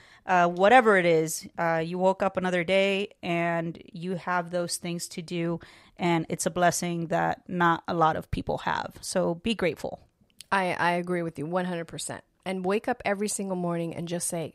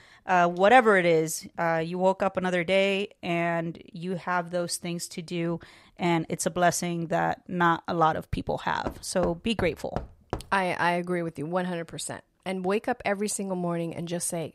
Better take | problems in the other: first | door banging; noticeable; from 9 to 10 s; peak 10 dB below the speech

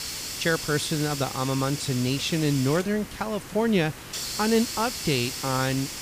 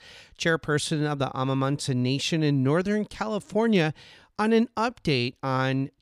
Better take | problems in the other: second | hiss; loud; throughout; 6 dB below the speech

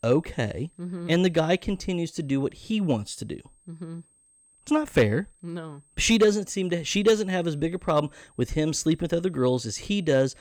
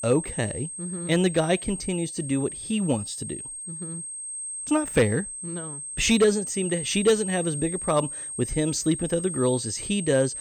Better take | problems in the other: first | high-pitched whine; loud; throughout; 8.5 kHz, 7 dB below the speech; faint in the first

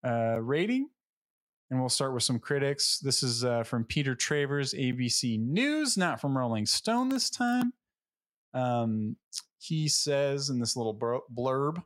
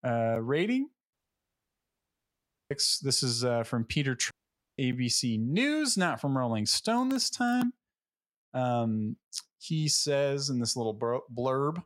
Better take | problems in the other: first | audio cutting out; at 1 s for 1.5 s and at 4.5 s

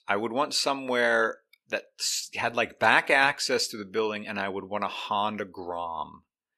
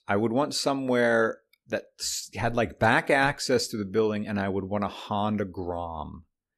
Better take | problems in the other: second | thin; somewhat; fading below 1 kHz

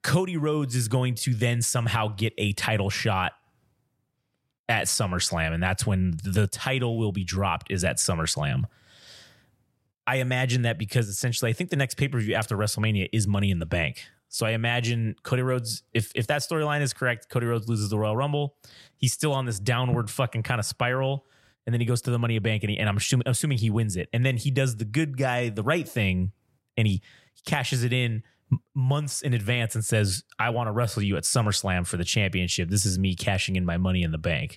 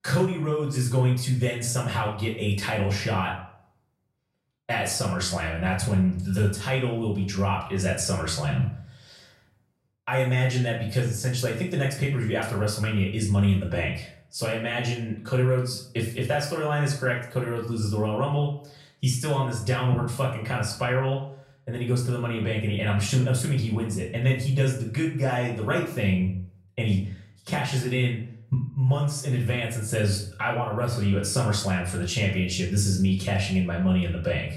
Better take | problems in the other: first | off-mic speech; far // room echo; slight; dies away in 0.5 s

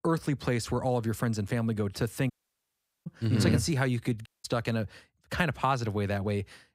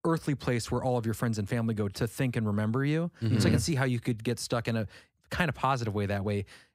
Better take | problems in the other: second | audio cutting out; at 2.5 s for 1 s and at 4.5 s

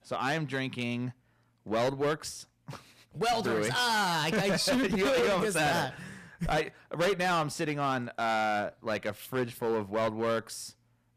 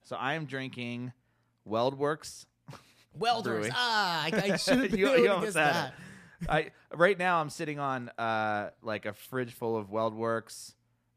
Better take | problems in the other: second | distortion; heavy; 13% of the sound clipped

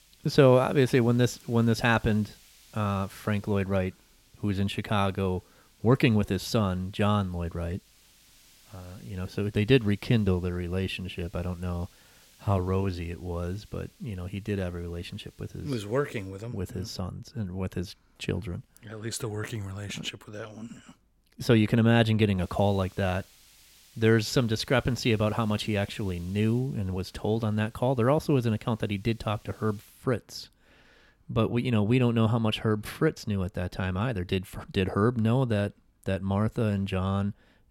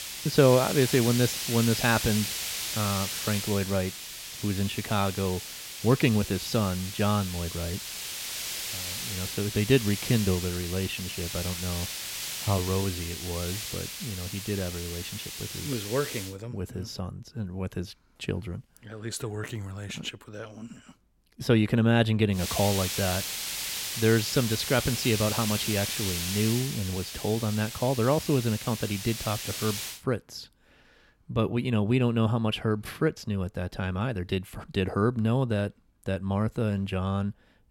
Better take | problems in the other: first | hiss; loud; until 16 s and from 22 to 30 s; 4 dB below the speech; faint in the first

